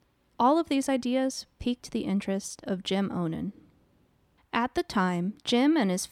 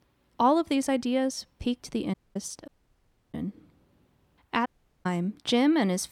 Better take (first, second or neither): first